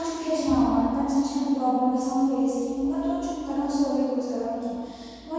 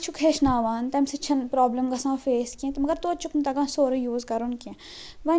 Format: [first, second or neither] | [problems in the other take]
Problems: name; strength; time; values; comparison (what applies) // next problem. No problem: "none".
second | room echo; dies away in 2.1 s